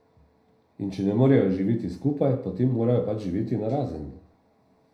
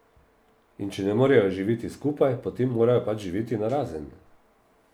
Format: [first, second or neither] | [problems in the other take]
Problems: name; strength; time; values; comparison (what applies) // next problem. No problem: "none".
second | room echo; dies away in 0.5 s